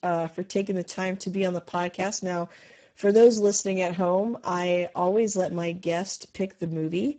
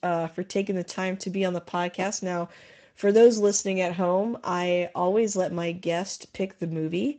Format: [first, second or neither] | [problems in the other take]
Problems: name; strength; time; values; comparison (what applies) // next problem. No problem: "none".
second | garbled, watery; badly; slightly in the second